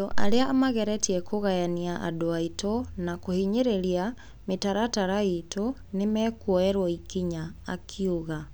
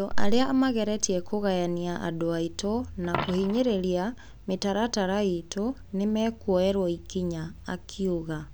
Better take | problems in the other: first | background sound (Coin (dropping)); 18 dB below the speech

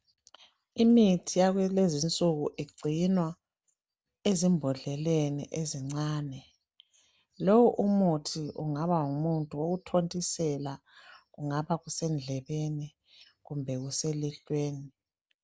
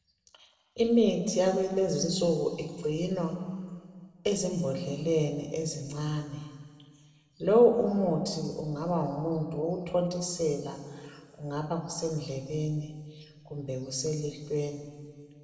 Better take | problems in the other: first | room echo; dies away in 2 s

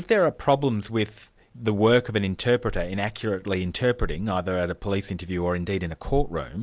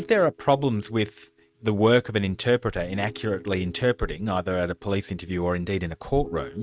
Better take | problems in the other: first | noise reduction (neural mask model RNNoise)

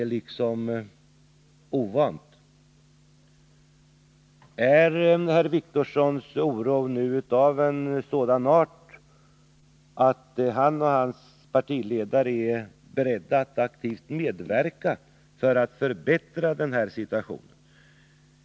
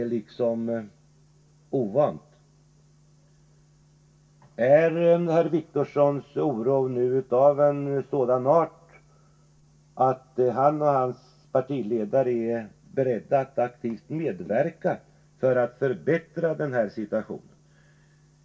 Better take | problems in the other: first | room echo; dies away in 0.2 s

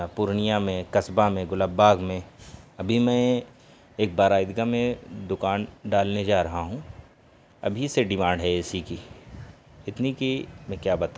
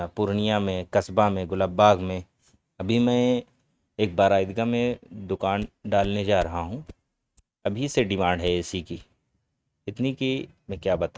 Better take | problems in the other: first | noise reduction (neural mask model RNNoise)

